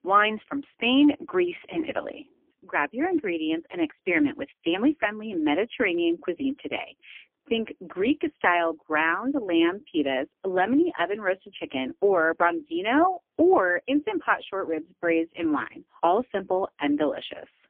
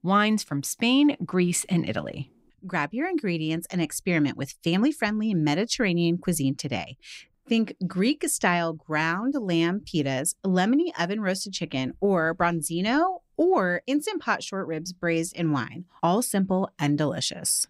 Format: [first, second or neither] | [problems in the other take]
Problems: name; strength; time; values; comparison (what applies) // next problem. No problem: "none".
second | phone-call audio; poor line; nothing above 3 kHz